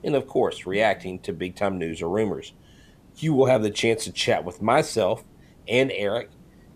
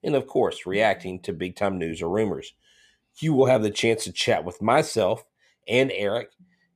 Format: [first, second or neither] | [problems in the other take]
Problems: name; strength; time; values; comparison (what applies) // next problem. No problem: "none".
second | hiss; faint; throughout; 30 dB below the speech